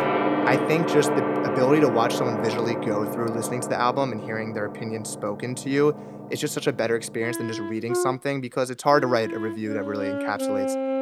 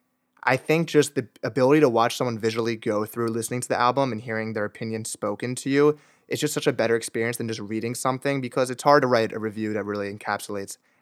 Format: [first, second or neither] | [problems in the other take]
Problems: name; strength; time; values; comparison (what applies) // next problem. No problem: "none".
second | background music; loud; throughout; 3 dB below the speech